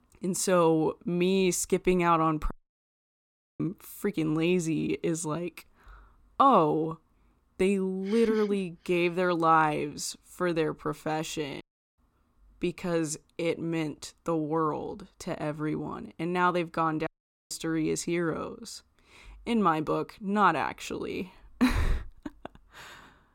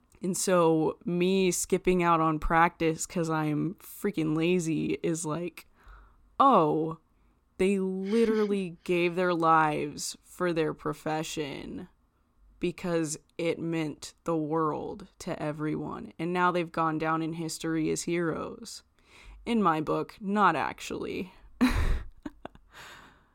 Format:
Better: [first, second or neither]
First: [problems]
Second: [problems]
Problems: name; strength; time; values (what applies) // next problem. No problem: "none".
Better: second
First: audio cutting out; at 2.5 s for 1 s, at 12 s and at 17 s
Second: none